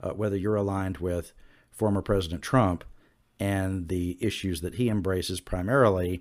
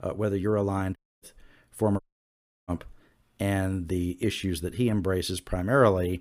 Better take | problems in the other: first | audio cutting out; at 1 s and at 2 s for 0.5 s

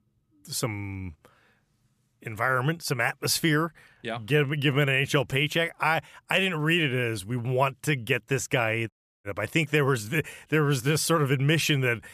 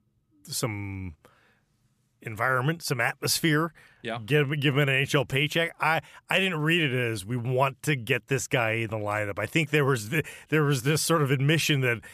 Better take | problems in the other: second | audio cutting out; at 9 s

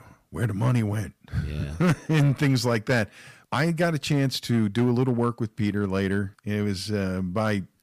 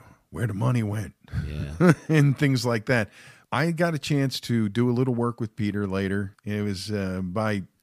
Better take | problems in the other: second | distortion; slight; 5% of the sound clipped

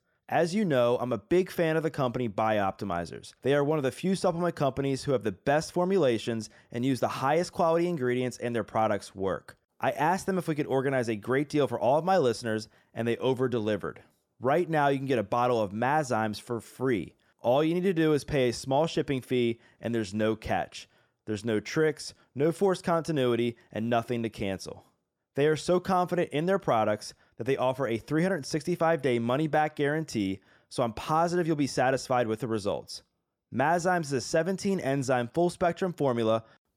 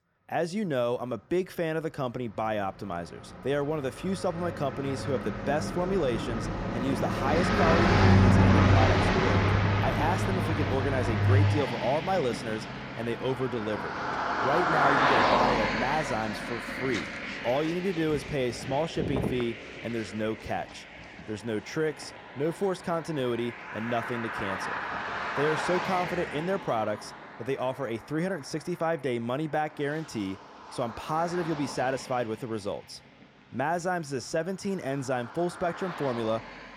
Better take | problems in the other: first | traffic noise; very loud; throughout; 3 dB above the speech

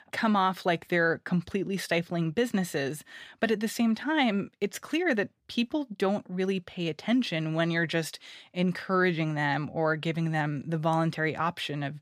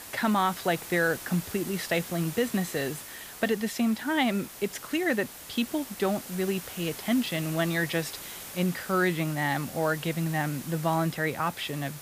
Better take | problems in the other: first | hiss; noticeable; throughout; 10 dB below the speech

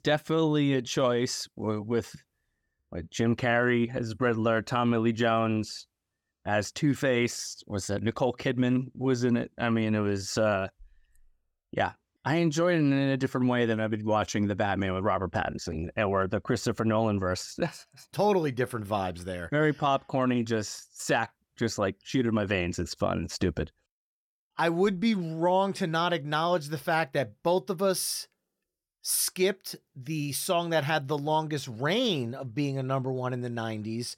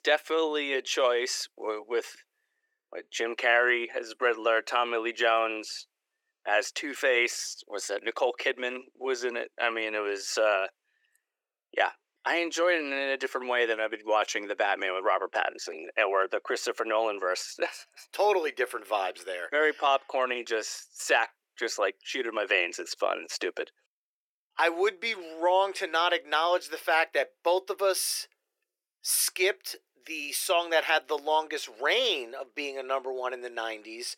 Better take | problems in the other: first | thin; very; fading below 400 Hz

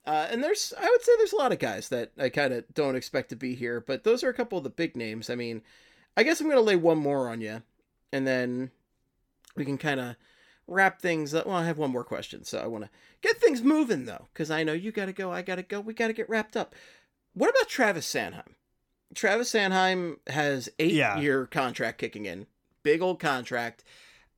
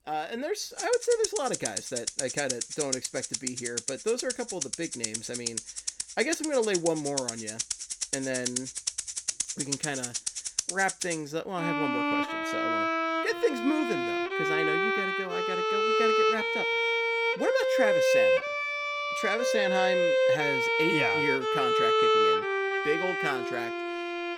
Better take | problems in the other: first | background music; very loud; throughout; 4 dB above the speech

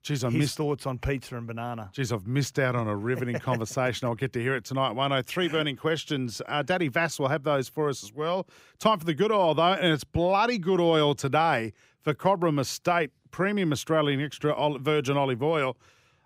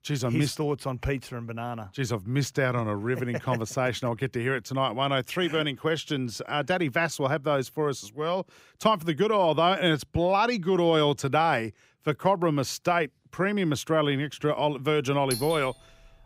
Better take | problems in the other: first | doorbell; noticeable; at 15 s; peak 6 dB below the speech

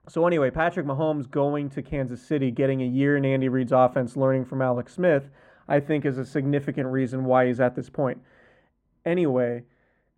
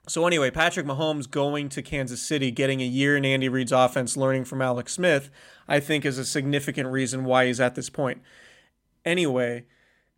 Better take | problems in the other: second | muffled; very; fading above 2.5 kHz

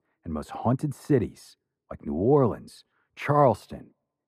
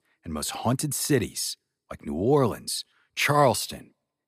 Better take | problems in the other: second | muffled; very; fading above 2 kHz

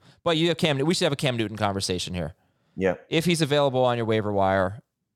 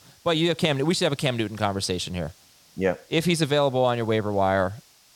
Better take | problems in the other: first | hiss; faint; throughout; 30 dB below the speech

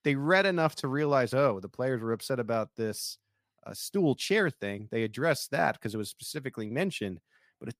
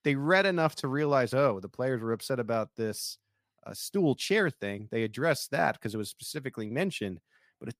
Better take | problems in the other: neither | none

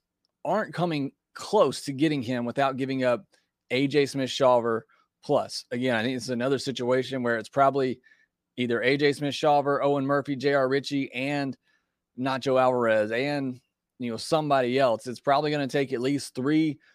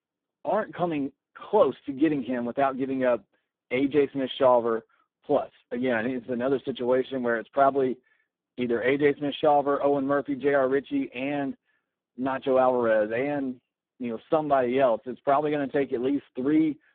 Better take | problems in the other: first | phone-call audio; poor line

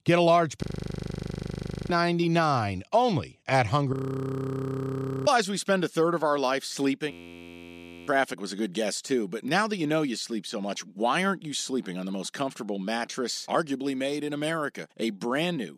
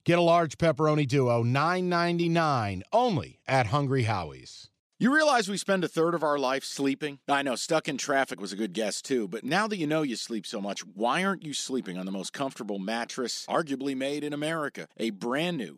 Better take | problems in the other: second | audio freezing; at 0.5 s for 1.5 s, at 4 s for 1.5 s and at 7 s for 1 s

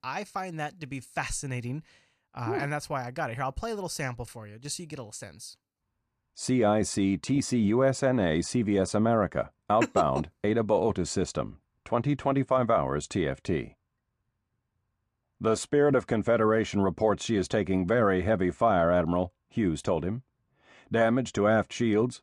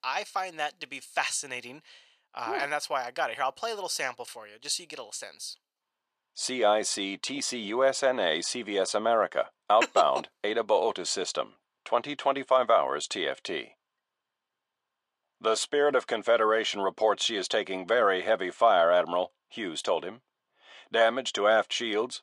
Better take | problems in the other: first | thin; very; fading below 600 Hz

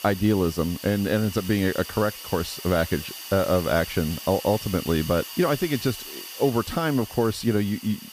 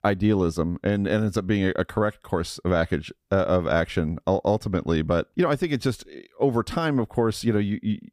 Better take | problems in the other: second | hiss; noticeable; throughout; 10 dB below the speech

